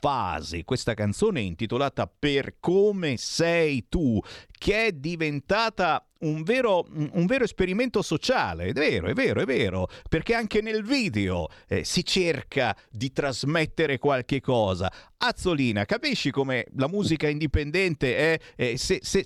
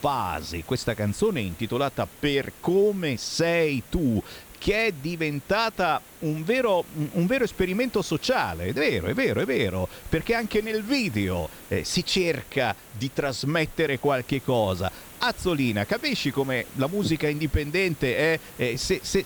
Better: first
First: none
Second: hiss; noticeable; throughout; 20 dB below the speech

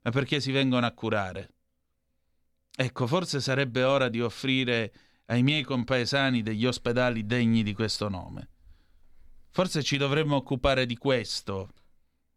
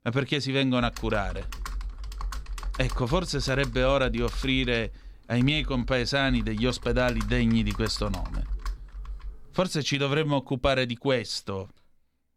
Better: first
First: none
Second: keyboard typing; noticeable; from 1 to 9.5 s; peak 8 dB below the speech

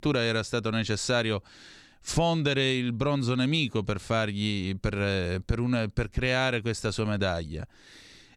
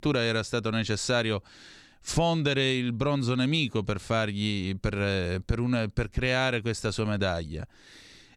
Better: neither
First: none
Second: none

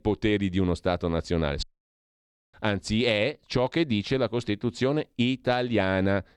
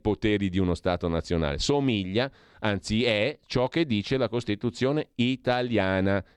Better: second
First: audio cutting out; at 1.5 s for 1 s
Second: none

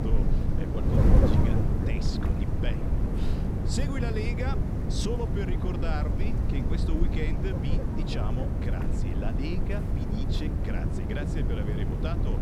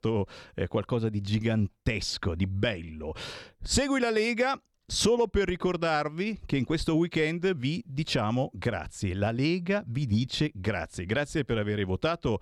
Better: second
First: wind noise on the microphone; heavy; 2 dB above the speech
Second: none

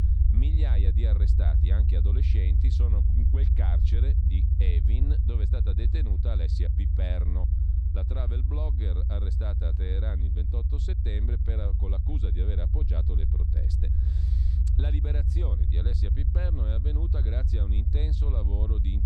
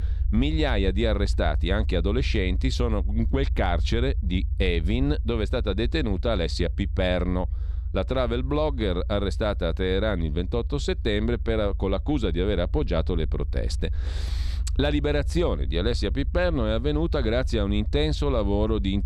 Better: second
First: low rumble; loud; throughout; as loud as the speech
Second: low rumble; faint; throughout; 20 dB below the speech

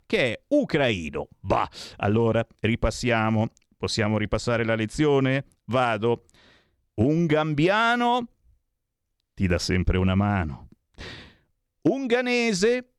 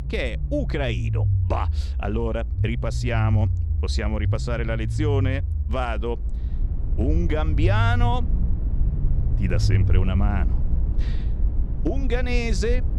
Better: first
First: none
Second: low rumble; noticeable; throughout; 10 dB below the speech

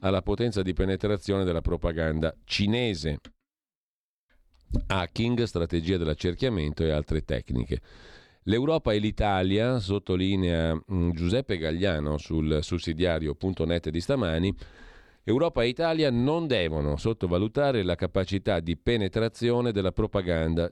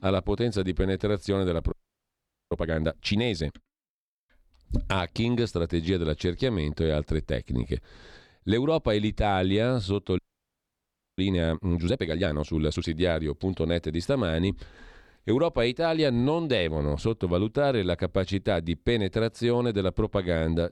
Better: first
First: none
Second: audio freezing; at 1.5 s for 1 s and at 10 s for 1 s

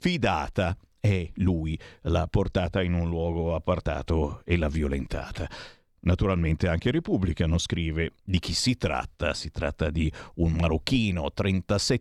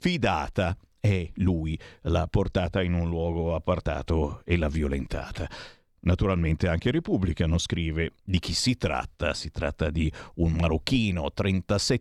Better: neither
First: none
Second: none

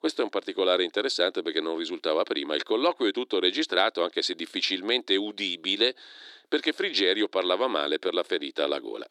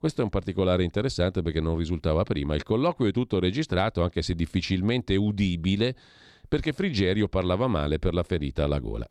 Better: second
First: thin; somewhat; fading below 300 Hz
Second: none

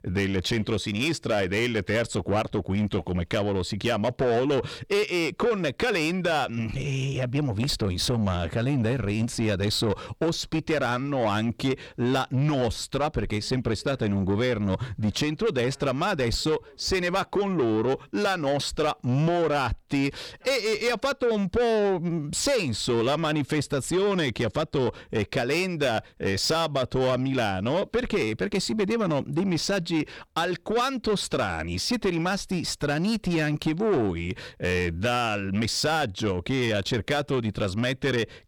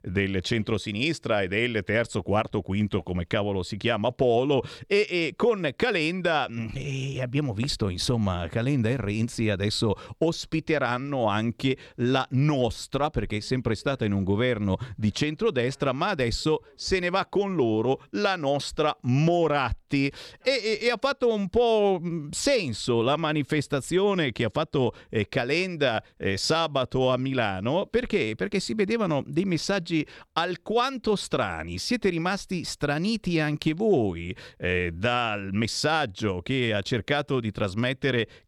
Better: second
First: distortion; slight; 10 dB below the speech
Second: none

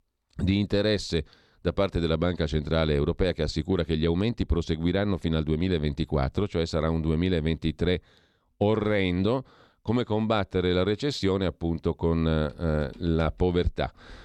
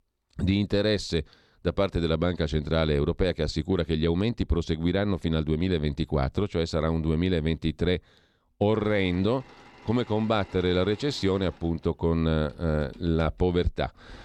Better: first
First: none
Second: machinery noise; faint; throughout; 25 dB below the speech

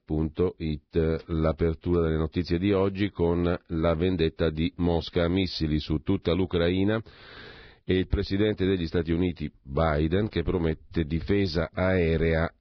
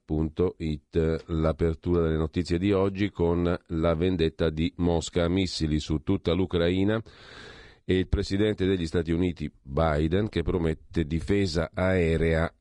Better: second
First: garbled, watery; badly; nothing above 5 kHz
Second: garbled, watery; slightly

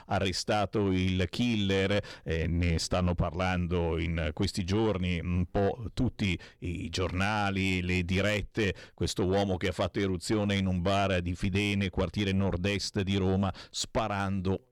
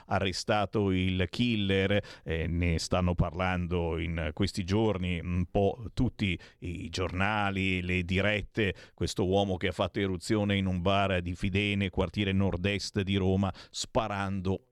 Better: second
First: distortion; slight; 10 dB below the speech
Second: none

